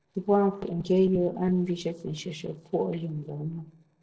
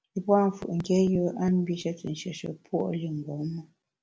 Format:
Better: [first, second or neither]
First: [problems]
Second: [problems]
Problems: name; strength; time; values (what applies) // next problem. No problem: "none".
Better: second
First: noise reduction (neural separator model SepFormer DNS4)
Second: none